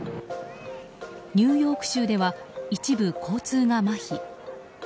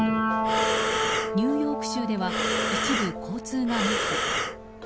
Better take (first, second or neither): first